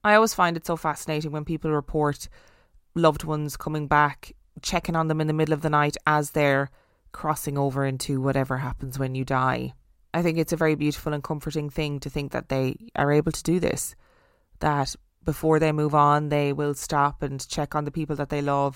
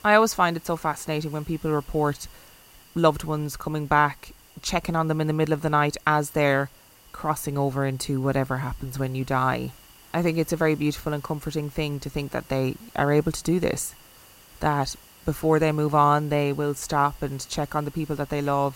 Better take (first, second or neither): first